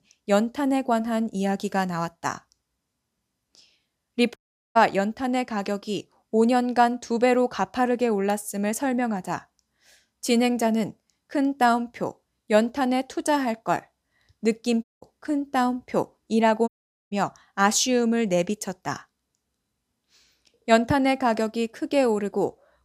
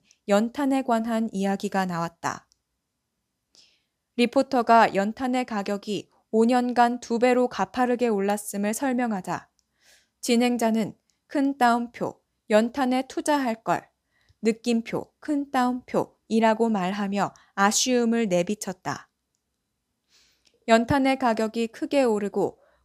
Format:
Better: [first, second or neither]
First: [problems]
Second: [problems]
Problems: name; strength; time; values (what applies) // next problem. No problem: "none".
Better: second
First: audio cutting out; at 4.5 s, at 15 s and at 17 s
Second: none